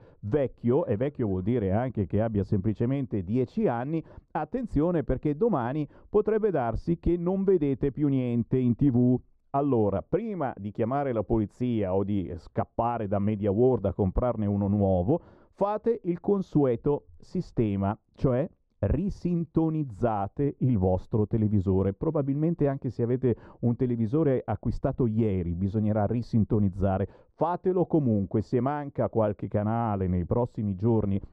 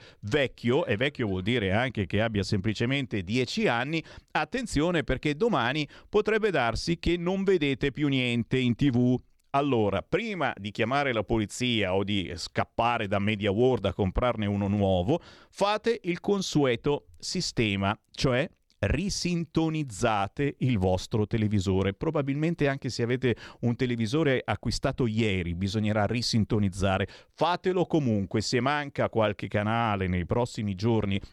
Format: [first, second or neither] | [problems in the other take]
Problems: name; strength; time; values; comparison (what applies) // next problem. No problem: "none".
second | muffled; very; fading above 1.5 kHz